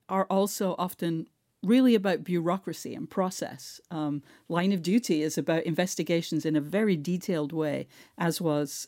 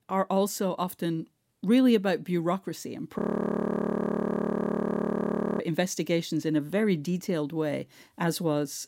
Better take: first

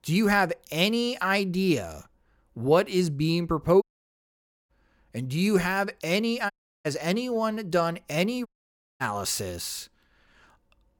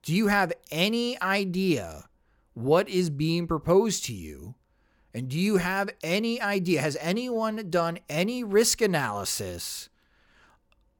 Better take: second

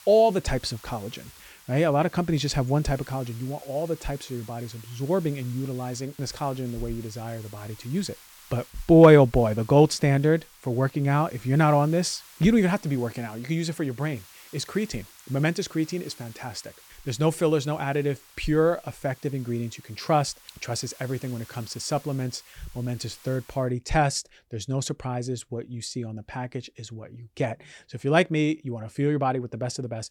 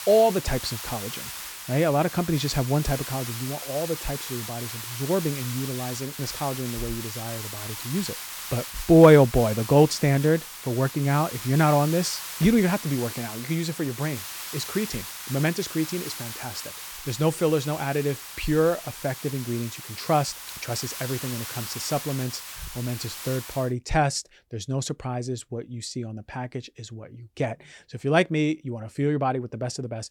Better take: first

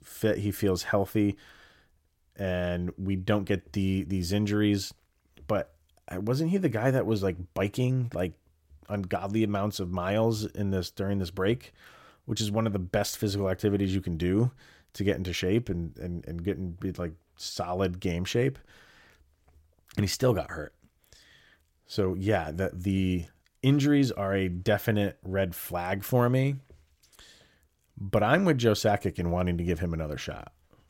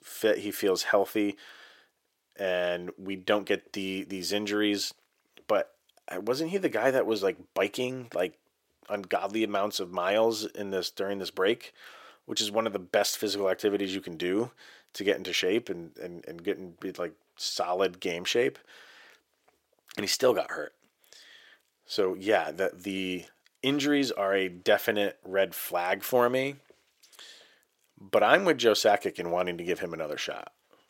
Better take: first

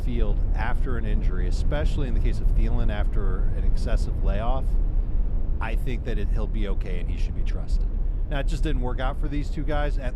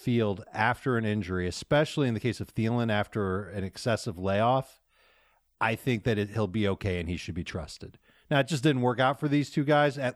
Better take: second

